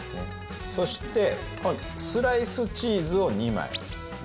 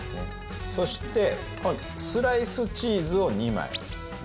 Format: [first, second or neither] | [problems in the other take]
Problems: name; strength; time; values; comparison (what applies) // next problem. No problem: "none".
first | background sound (Bass guitar); 16 dB below the speech